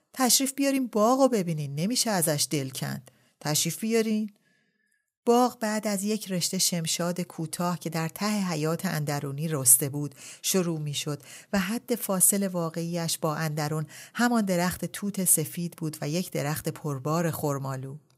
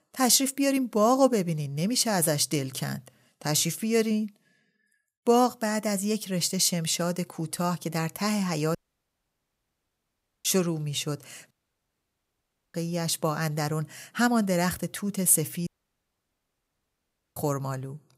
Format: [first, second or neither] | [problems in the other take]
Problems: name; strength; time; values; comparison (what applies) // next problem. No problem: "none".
first | audio cutting out; at 9 s for 1.5 s, at 12 s for 1 s and at 16 s for 1.5 s